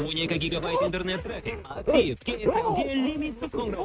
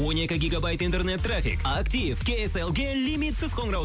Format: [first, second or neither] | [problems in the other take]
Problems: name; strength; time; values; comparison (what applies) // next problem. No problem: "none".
second | noise reduction (neural mask model RNNoise)